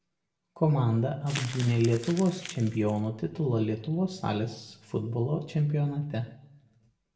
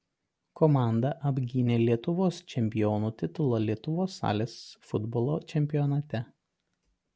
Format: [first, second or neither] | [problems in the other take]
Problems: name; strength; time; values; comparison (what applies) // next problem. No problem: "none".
second | background sound (Crumpling, crinkling); 15 dB below the speech // room echo; dies away in 0.6 s